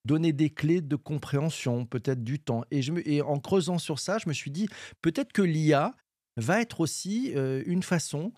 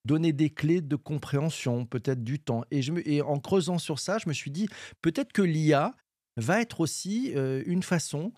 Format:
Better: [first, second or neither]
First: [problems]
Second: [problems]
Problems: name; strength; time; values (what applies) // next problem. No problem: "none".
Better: neither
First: none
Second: none